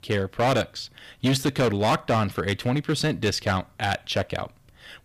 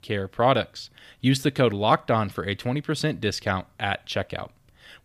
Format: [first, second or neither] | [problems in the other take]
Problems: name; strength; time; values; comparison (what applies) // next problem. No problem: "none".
second | distortion; heavy; 9% of the sound clipped